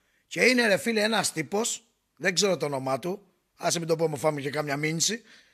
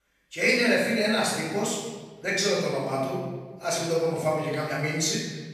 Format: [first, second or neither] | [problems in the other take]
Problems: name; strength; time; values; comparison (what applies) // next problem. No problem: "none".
first | off-mic speech; far // room echo; noticeable; dies away in 1.3 s